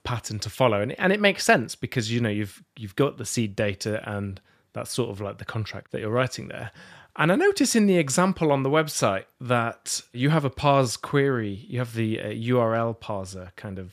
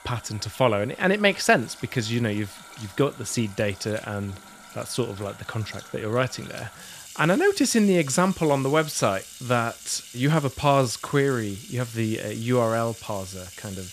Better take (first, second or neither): first